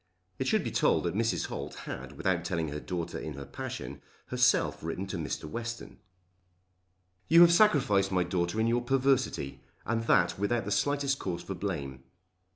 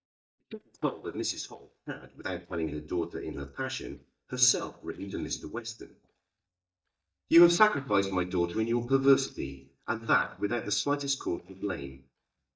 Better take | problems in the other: first | noise reduction (neural mask model DeepFilterNet 3)

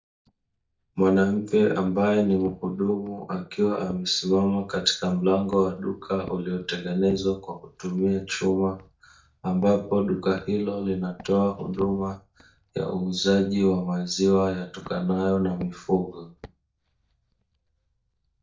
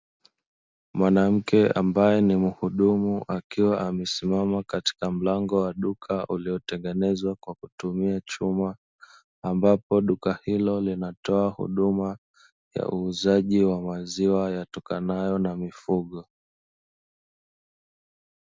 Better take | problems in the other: second | noise reduction (neural mask model DeepFilterNet 3)

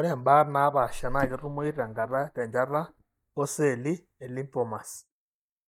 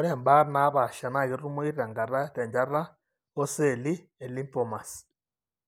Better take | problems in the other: second | noise reduction (neural mask model DeepFilterNet 3)

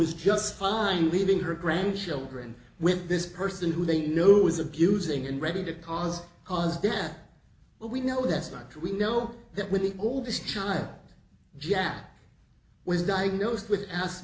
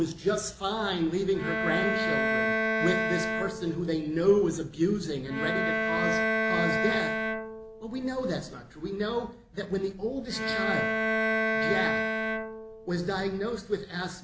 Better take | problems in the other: first | background sound (Bowed string instrument); 1 dB above the speech

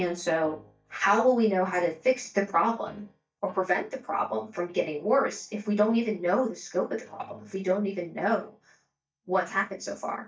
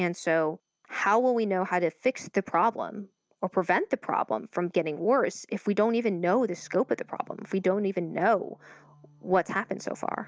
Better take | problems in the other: second | noise reduction (neural mask model DeepFilterNet 3)

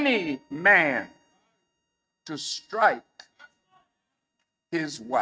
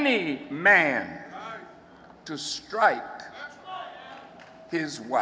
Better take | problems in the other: second | noise reduction (neural mask model RNNoise)

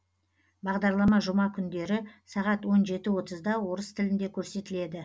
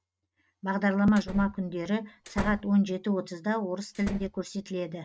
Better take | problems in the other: first | noise reduction (neural mask model RNNoise)

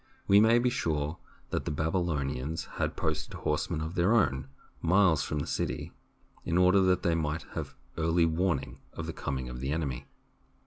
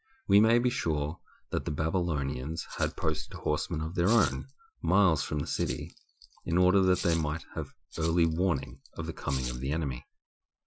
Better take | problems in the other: first | noise reduction (classical method Wiener filter)

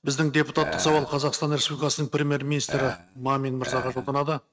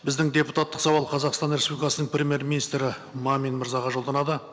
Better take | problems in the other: second | noise reduction (neural mask model RNNoise)

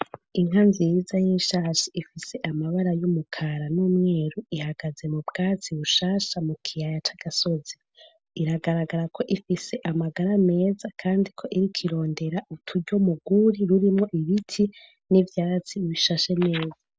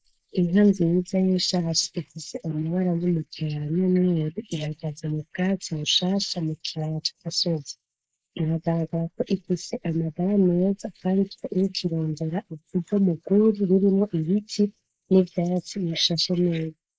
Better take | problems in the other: first | noise reduction (neural mask model Resemble Enhance denoiser)

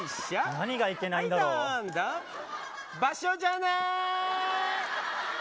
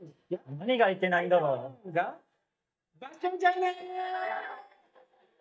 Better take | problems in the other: first | noise reduction (neural mask model DeepFilterNet 3)

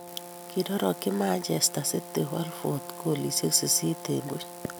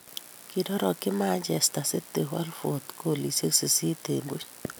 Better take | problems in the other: second | background sound (Brass instrument); 14 dB below the speech

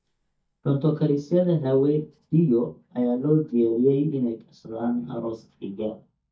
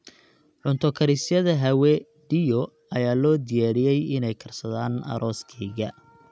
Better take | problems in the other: second | noise reduction (neural mask model DeepFilterNet 3)

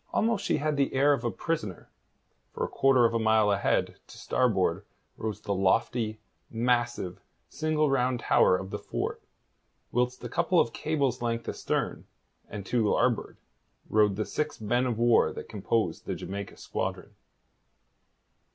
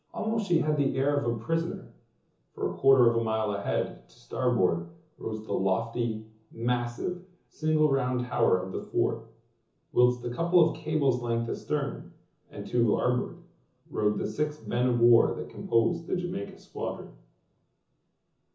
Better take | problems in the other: first | room echo; dies away in 0.6 s

